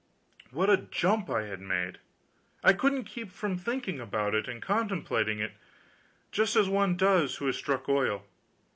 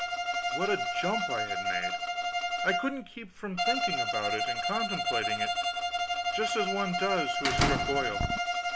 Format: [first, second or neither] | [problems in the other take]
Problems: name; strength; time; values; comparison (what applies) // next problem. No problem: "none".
first | background sound (Bowed string instrument + Slam); 5 dB above the speech